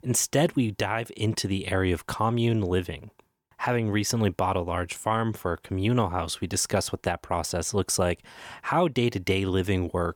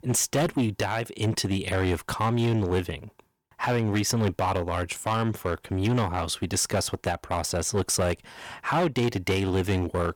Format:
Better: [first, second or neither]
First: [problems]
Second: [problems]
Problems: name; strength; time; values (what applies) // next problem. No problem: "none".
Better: first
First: none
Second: distortion; slight; 9% of the sound clipped